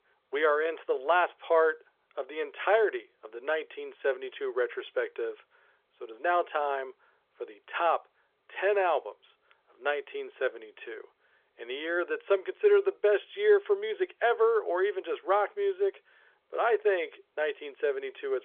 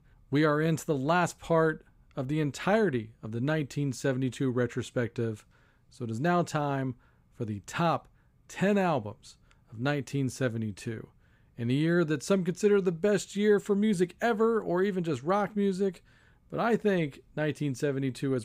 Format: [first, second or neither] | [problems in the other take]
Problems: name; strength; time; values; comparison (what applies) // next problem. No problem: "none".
second | phone-call audio; nothing above 3.5 kHz